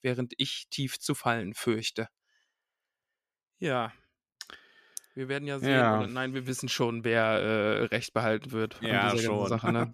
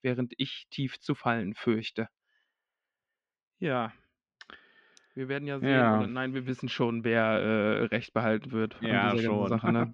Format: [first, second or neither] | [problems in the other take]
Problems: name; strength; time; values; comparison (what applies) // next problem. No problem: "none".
first | muffled; slightly; fading above 3.5 kHz